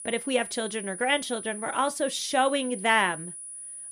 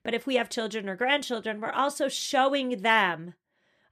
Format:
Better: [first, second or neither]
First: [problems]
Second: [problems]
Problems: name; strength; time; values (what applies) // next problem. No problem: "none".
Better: second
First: high-pitched whine; noticeable; throughout; 10 kHz, 10 dB below the speech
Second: none